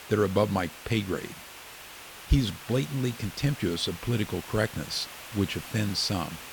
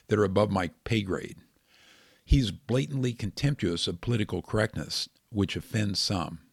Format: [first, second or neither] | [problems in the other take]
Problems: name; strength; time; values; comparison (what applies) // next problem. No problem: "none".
second | hiss; noticeable; throughout; 15 dB below the speech